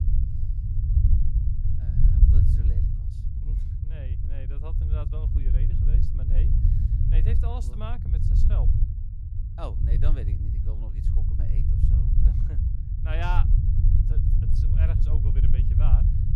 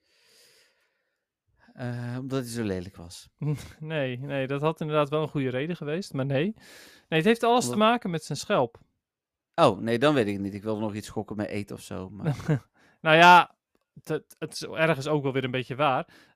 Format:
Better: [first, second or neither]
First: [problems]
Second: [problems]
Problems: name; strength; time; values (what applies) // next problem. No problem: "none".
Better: second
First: low rumble; loud; throughout; as loud as the speech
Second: none